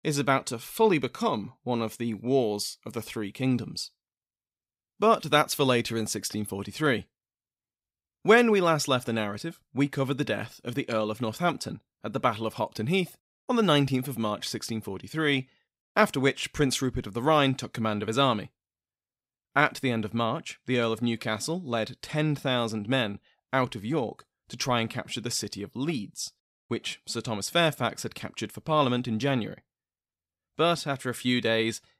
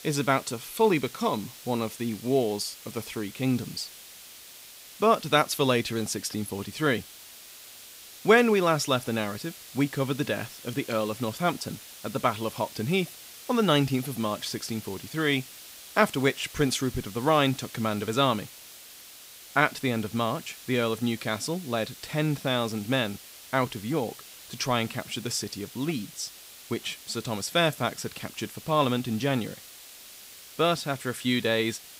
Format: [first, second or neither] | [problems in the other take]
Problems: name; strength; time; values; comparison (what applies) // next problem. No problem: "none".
first | hiss; noticeable; throughout; 15 dB below the speech